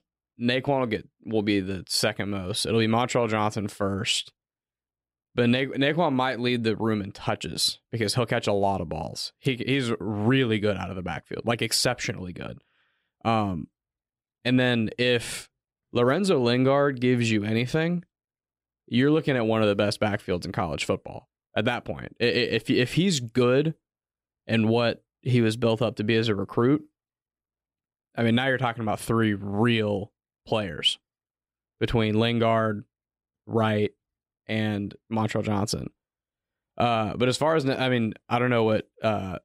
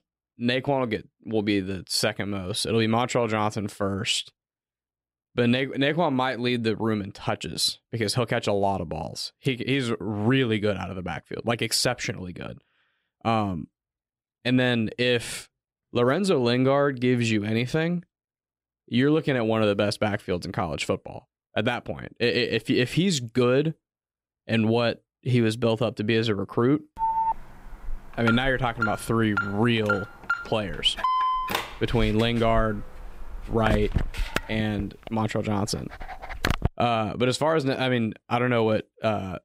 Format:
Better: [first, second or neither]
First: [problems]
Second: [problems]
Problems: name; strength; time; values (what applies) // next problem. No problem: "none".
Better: first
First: none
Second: alarm; loud; from 27 to 37 s; peak 2 dB above the speech